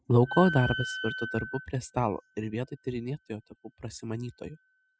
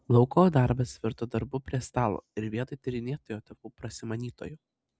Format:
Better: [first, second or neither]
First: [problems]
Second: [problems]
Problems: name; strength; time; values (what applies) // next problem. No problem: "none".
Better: second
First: noise reduction (classical method spectral subtraction)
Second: none